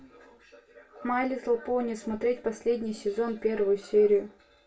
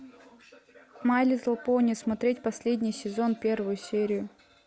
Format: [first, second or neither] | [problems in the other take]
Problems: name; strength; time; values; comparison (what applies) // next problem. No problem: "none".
second | room echo; dies away in 0.2 s